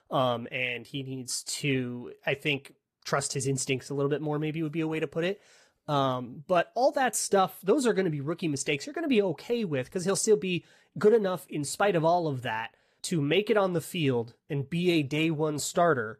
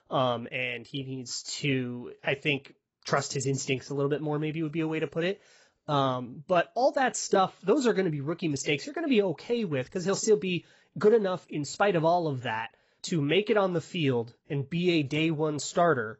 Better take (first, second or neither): first